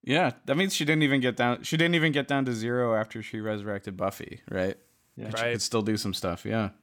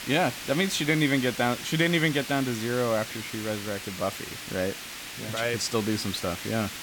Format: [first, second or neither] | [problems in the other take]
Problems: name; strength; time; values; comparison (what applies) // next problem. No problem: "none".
first | hiss; loud; throughout; 8 dB below the speech